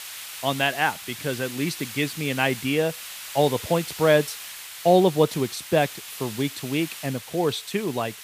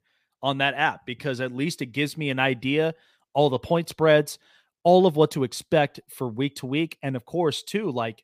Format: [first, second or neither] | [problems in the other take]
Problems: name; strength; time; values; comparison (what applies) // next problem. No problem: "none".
second | hiss; noticeable; throughout; 10 dB below the speech